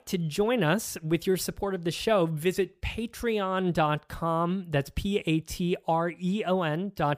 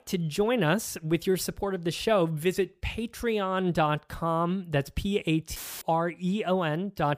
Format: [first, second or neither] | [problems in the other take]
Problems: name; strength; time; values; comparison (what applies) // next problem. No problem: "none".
first | audio cutting out; filled with static; at 5.5 s